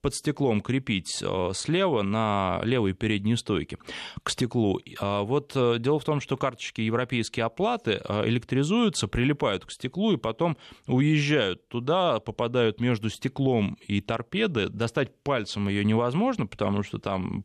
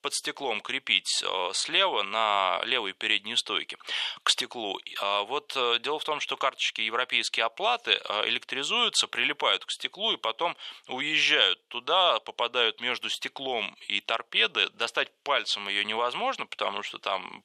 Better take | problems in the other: first | thin; very; fading below 850 Hz

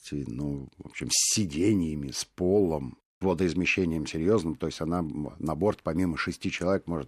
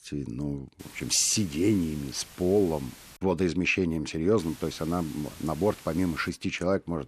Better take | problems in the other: first | hiss; noticeable; from 1 to 3 s and from 4.5 to 6.5 s; 20 dB below the speech

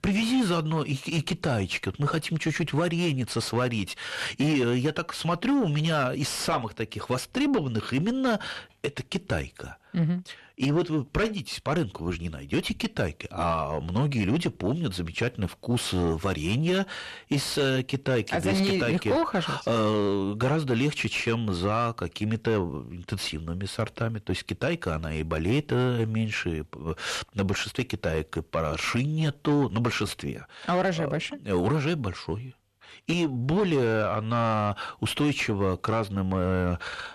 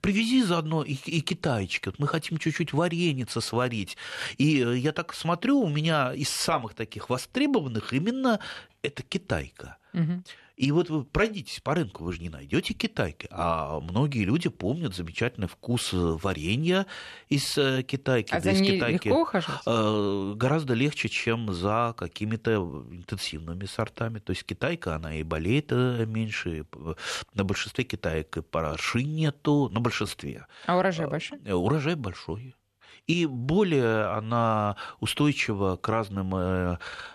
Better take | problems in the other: second | distortion; slight; 10 dB below the speech

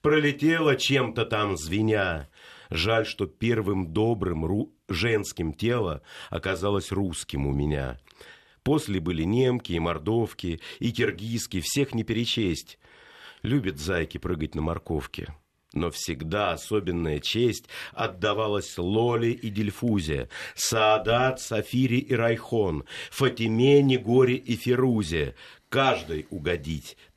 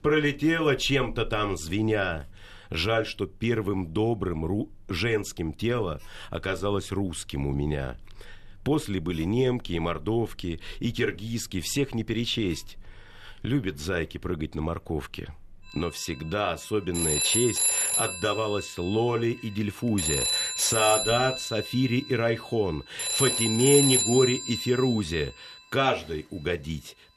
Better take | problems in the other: first | alarms or sirens; very loud; throughout; 2 dB above the speech

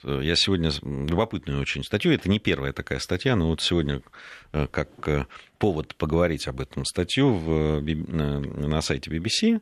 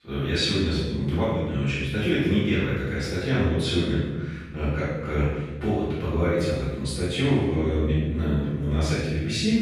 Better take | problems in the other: first | off-mic speech; far // room echo; strong; dies away in 1.3 s

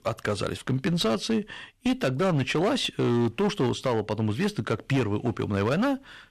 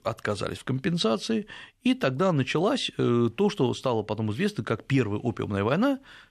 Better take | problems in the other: second | distortion; slight; 14% of the sound clipped

